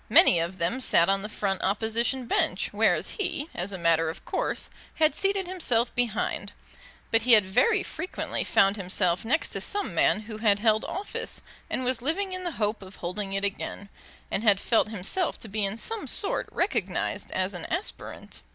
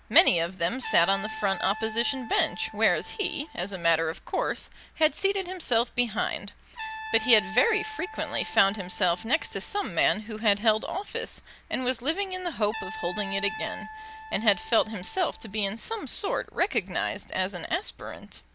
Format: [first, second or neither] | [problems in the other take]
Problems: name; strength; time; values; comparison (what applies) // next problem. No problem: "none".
first | background sound (Trumpet); 14 dB below the speech